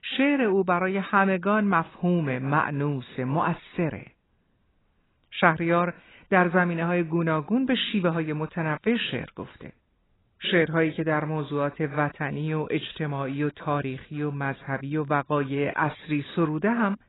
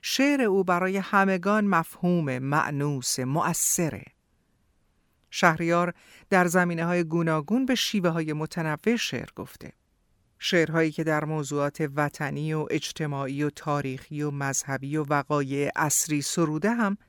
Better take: second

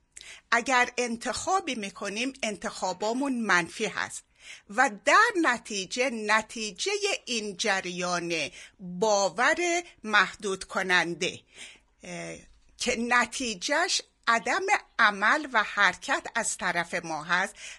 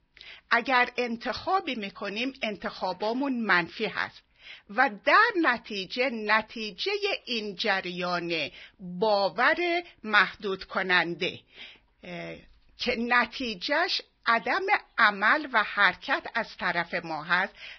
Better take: first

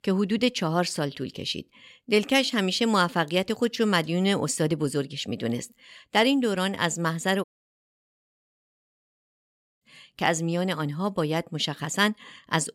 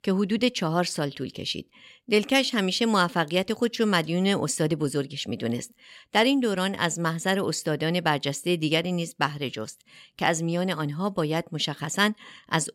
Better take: second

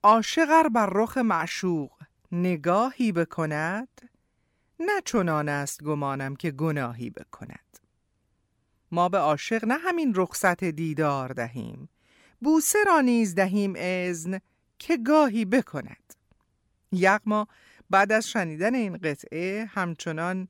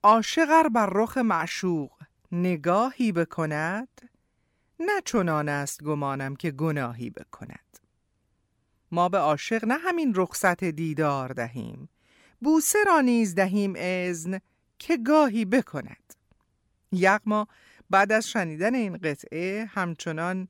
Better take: neither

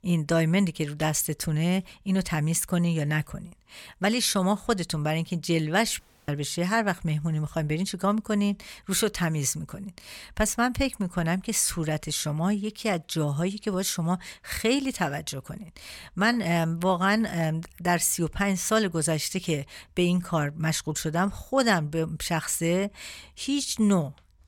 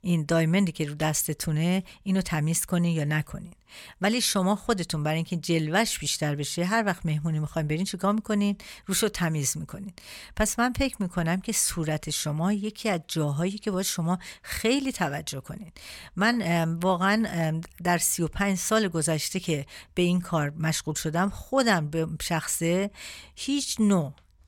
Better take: second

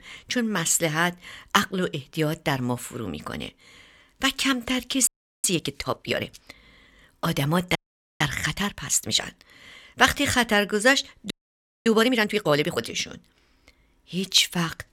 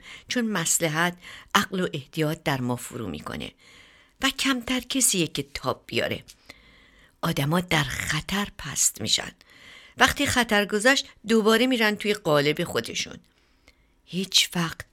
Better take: second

